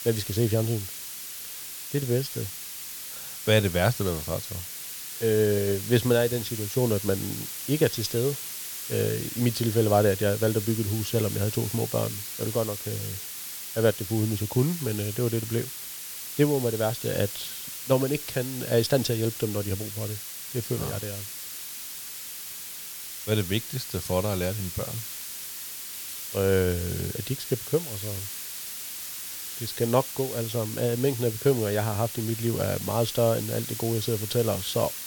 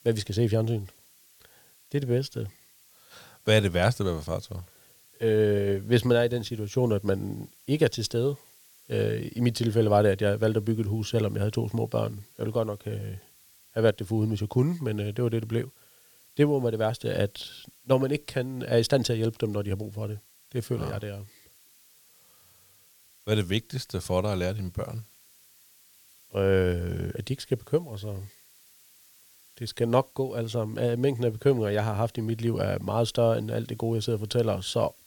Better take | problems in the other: second | hiss; loud; throughout; 7 dB below the speech; faint in the second

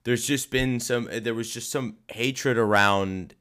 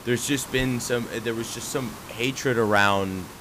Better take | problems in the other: first | hiss; noticeable; throughout; 15 dB below the speech

